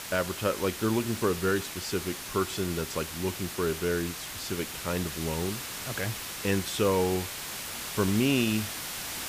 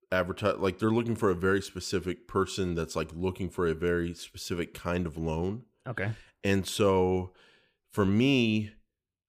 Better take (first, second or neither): second